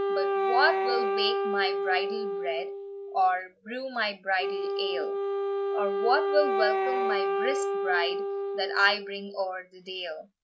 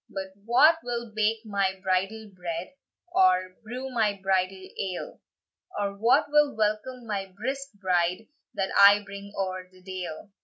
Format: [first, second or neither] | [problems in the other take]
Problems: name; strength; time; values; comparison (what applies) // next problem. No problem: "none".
second | background sound (Wind instrument, woodwind instrument); 1 dB above the speech